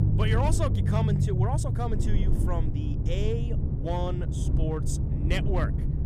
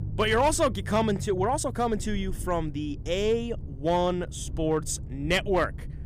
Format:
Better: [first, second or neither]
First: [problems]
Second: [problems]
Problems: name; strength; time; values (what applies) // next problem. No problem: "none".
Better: second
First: low rumble; loud; throughout; 5 dB below the speech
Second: low rumble; faint; throughout; 25 dB below the speech